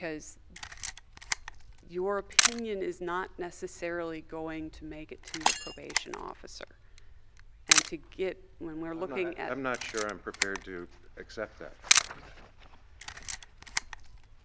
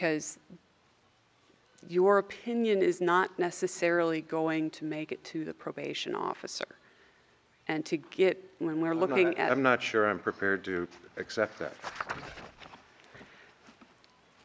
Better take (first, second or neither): second